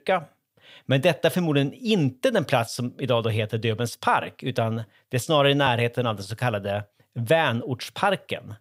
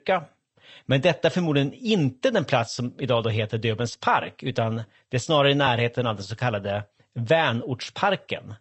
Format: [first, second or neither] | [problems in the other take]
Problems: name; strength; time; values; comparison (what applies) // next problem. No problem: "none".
first | garbled, watery; slightly; nothing above 8 kHz